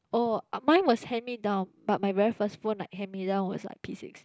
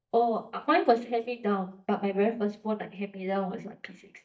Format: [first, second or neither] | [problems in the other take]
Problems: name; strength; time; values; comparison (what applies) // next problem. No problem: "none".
first | noise reduction (neural mask model DeepFilterNet 3)